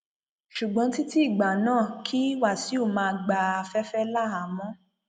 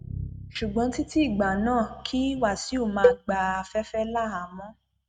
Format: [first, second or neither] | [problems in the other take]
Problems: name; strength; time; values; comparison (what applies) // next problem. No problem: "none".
first | noise reduction (neural mask model RNNoise)